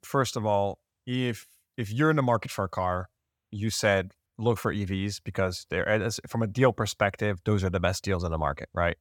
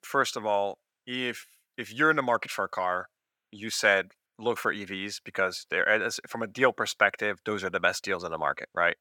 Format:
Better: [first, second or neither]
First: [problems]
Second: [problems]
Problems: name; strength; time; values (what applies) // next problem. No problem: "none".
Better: first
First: none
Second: thin; somewhat; fading below 300 Hz